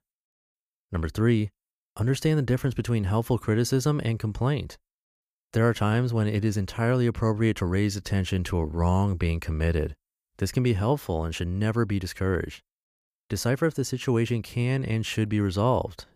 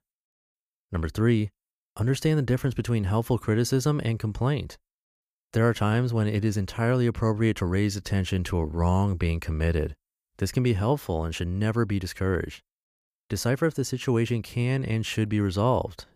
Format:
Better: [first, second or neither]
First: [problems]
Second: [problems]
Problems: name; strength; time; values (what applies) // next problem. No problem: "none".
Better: neither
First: none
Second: none